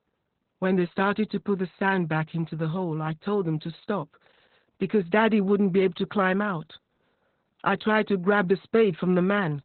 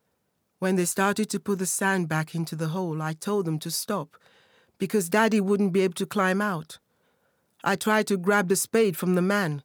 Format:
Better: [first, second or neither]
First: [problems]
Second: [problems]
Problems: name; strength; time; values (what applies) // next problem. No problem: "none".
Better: second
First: garbled, watery; badly; nothing above 4 kHz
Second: none